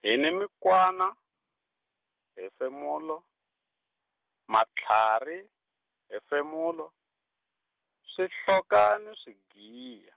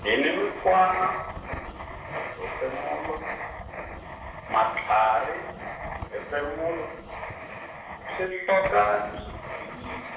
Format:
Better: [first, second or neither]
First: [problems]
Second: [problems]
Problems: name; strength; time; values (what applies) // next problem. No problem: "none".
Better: first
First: none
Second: background sound (Writing); 8 dB below the speech // room echo; dies away in 0.8 s